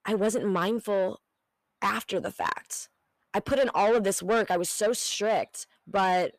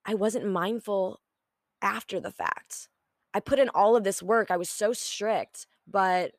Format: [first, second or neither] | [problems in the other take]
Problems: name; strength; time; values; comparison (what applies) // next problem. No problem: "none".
second | distortion; slight; 10 dB below the speech